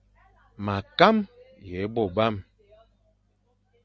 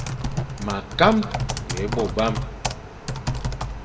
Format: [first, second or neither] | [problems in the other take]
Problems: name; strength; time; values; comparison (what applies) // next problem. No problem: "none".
first | background sound (Typing); 2 dB below the speech // room echo; dies away in 1.4 s